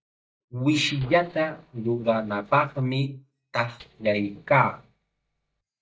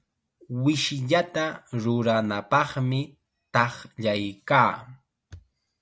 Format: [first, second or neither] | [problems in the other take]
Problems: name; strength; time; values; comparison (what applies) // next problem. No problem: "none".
second | noise reduction (neural mask model DeepFilterNet 3)